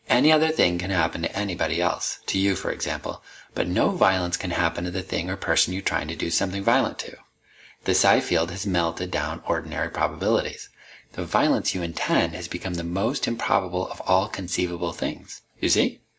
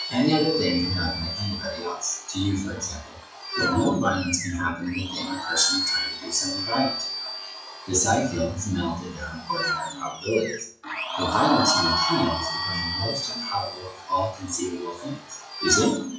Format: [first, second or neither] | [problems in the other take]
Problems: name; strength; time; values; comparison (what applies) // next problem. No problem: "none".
first | noise reduction (classical method WPE with log-MMSE)